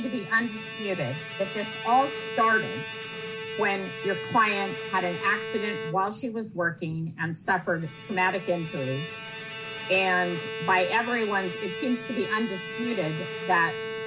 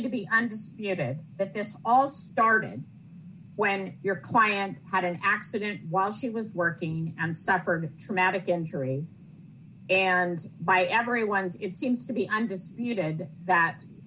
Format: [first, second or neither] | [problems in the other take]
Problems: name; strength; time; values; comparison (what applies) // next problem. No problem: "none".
second | background sound (Bowed string instrument); 8 dB below the speech